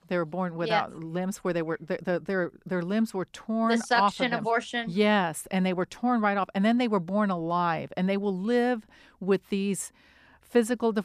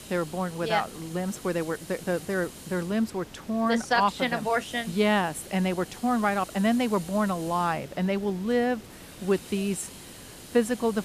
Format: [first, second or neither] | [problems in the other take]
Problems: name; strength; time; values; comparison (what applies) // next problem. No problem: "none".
first | hiss; noticeable; throughout; 15 dB below the speech